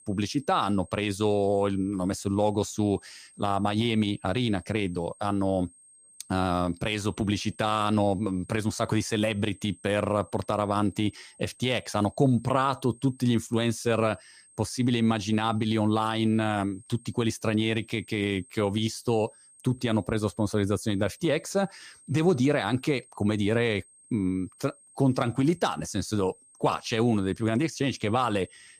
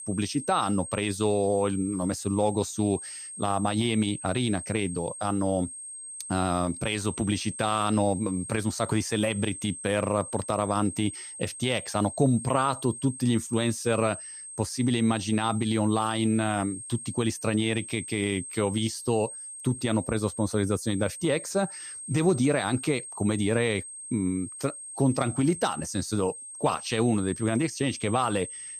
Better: first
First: high-pitched whine; faint; throughout; 8.5 kHz, 25 dB below the speech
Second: high-pitched whine; loud; throughout; 8.5 kHz, 10 dB below the speech

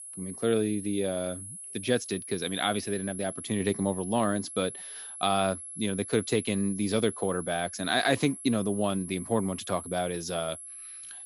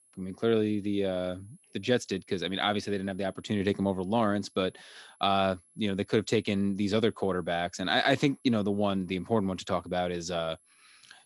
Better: second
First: high-pitched whine; loud; throughout; 11 kHz, 10 dB below the speech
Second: high-pitched whine; faint; throughout; 11 kHz, 30 dB below the speech

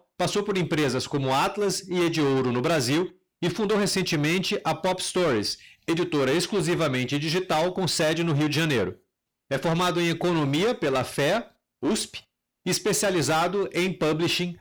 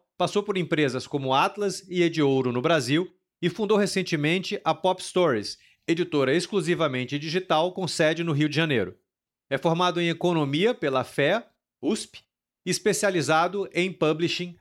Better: second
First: distortion; heavy; 7 dB below the speech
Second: none

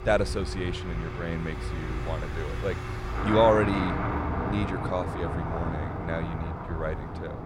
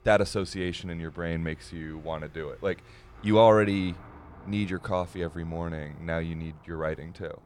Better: second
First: traffic noise; loud; throughout; 2 dB below the speech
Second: traffic noise; faint; throughout; 25 dB below the speech

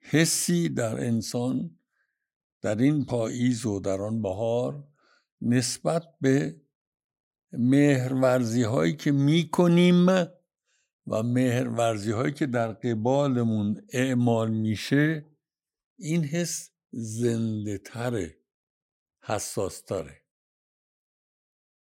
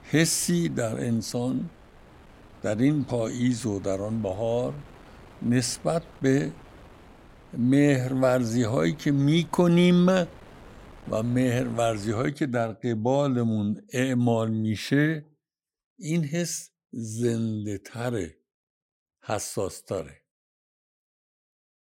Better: first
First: none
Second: wind noise on the microphone; occasional gusts; until 12 s; 25 dB below the speech

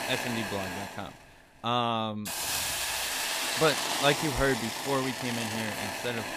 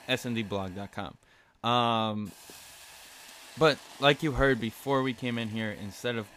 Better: second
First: hiss; loud; throughout; as loud as the speech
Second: hiss; faint; throughout; 20 dB below the speech

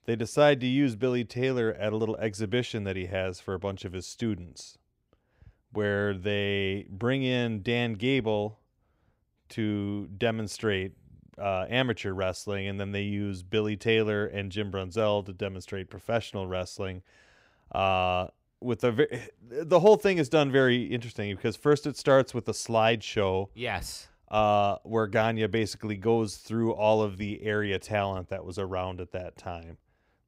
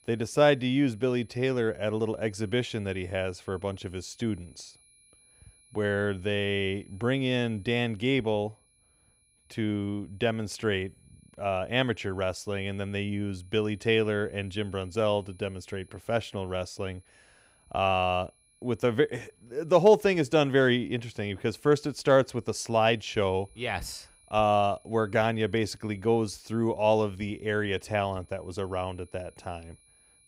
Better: first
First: none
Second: high-pitched whine; faint; throughout; 10.5 kHz, 30 dB below the speech

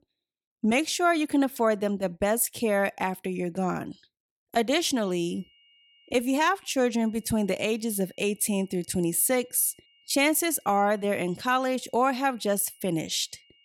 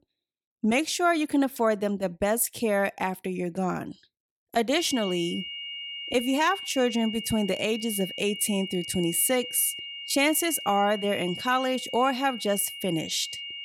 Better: first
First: high-pitched whine; faint; from 5 s on; 3 kHz, 35 dB below the speech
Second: high-pitched whine; loud; from 5 s on; 3 kHz, 9 dB below the speech

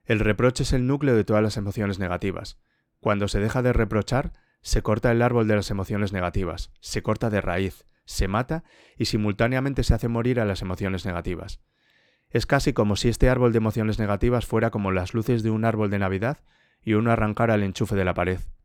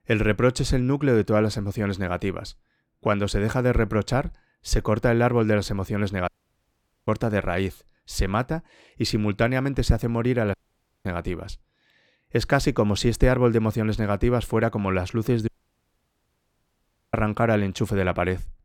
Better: first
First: none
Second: audio cutting out; at 6.5 s for 1 s, at 11 s for 0.5 s and at 15 s for 1.5 s

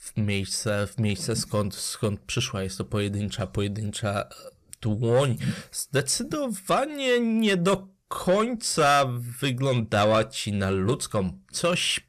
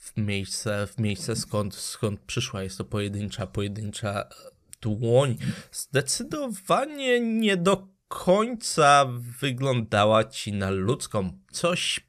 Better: second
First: distortion; slight; 10 dB below the speech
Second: none

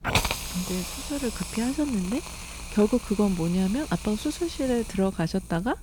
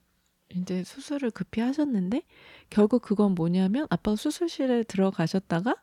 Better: second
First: hiss; loud; throughout; 7 dB below the speech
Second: none

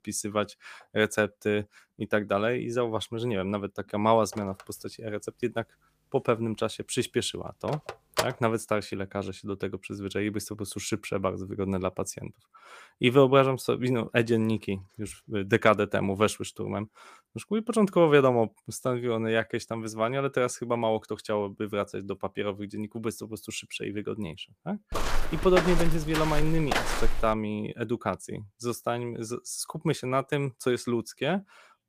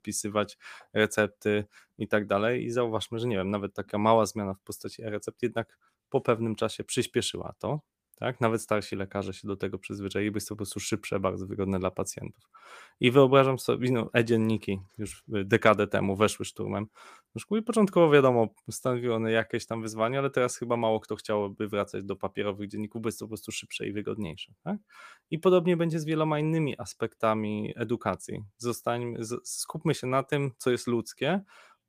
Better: second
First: phone ringing; noticeable; from 4.5 to 8 s; peak 2 dB below the speech // footsteps; loud; from 25 to 27 s; peak level with the speech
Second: none

